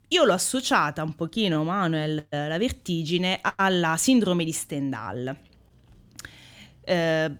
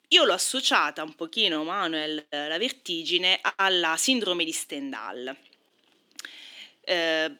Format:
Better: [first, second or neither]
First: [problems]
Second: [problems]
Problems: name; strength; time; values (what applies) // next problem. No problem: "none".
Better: first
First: none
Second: thin; somewhat; fading below 300 Hz